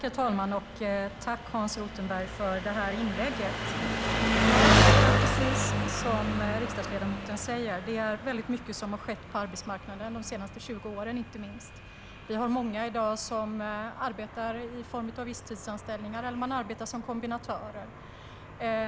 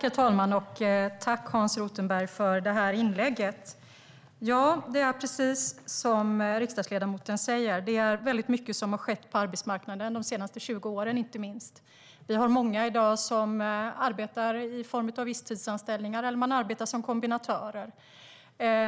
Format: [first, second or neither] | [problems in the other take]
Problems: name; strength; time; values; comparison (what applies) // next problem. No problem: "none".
second | background sound (Engine); 3 dB above the speech